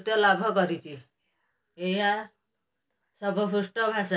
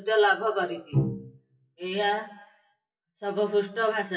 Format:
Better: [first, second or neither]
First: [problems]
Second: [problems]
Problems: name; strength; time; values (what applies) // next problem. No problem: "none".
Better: first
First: none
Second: noise reduction (classical method WPE with log-MMSE)